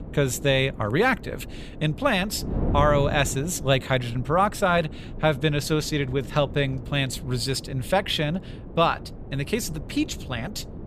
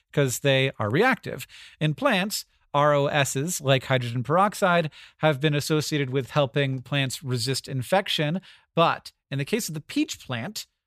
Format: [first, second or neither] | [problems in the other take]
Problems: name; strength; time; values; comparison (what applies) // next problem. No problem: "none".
second | wind noise on the microphone; occasional gusts; 20 dB below the speech